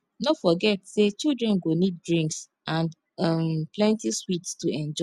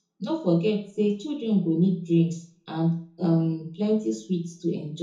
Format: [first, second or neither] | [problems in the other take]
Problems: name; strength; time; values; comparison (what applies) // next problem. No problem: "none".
first | room echo; dies away in 0.6 s